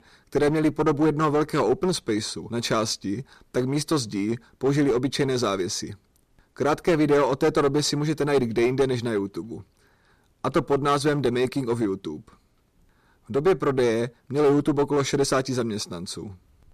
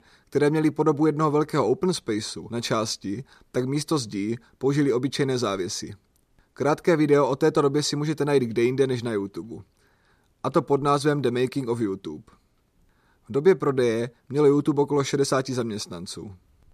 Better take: second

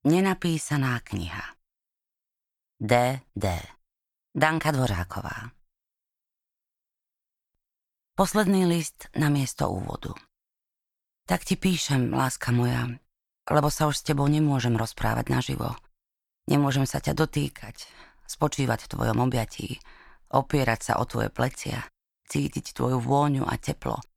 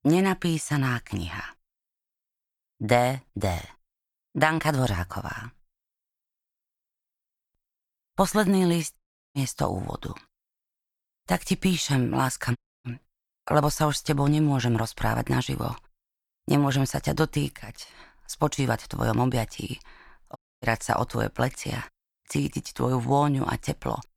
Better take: first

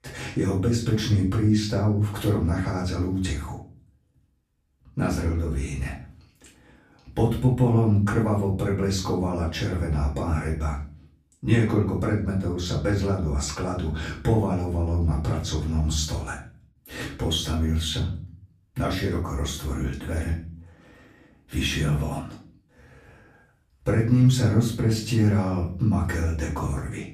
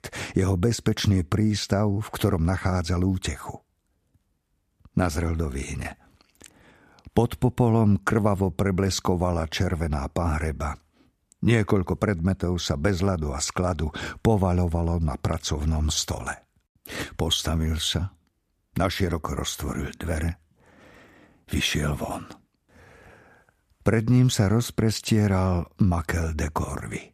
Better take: second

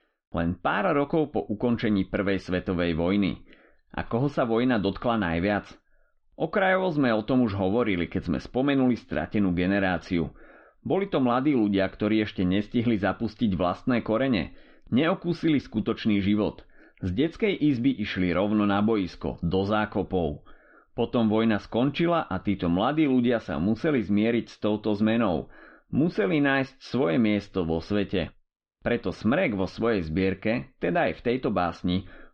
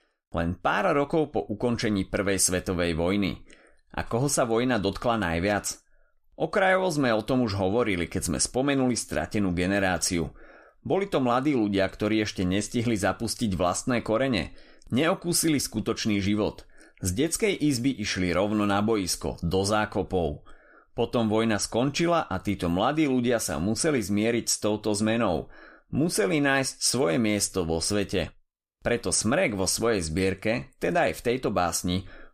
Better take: second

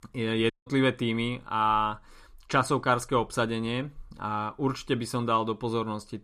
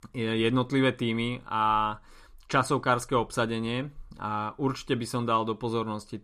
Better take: second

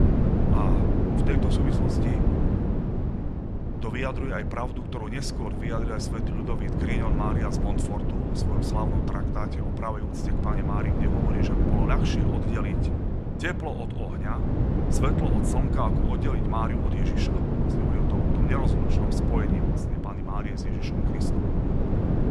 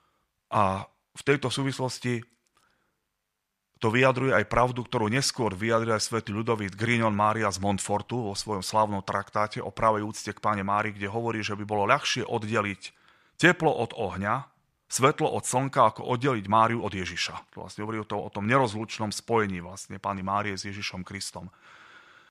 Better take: second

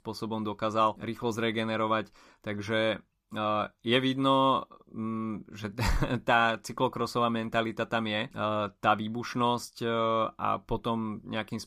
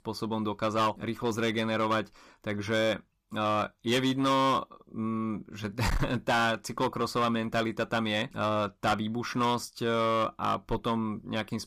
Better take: first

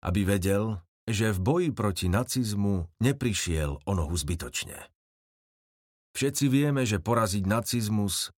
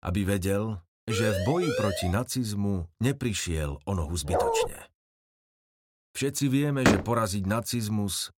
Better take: first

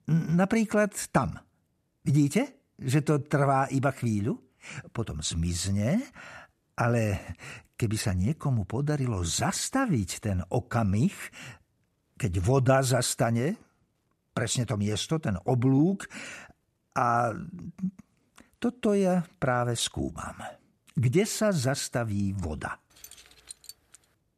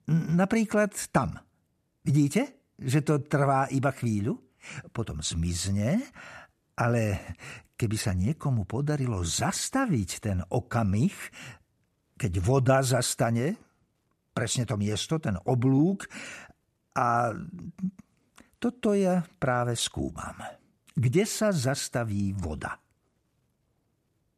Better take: second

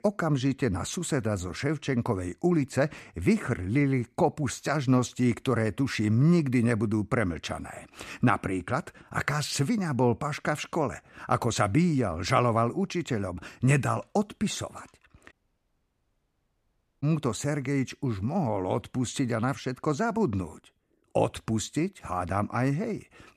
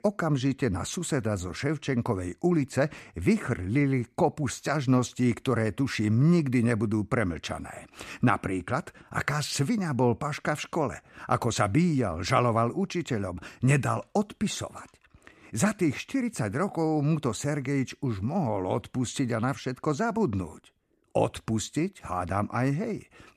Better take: second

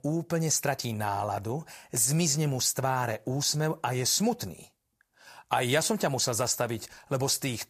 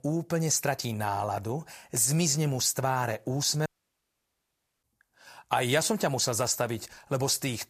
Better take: first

